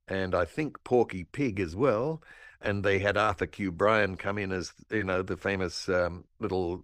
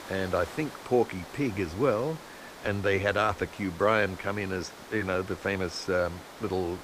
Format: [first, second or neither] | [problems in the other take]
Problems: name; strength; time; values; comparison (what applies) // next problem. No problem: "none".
first | hiss; noticeable; throughout; 15 dB below the speech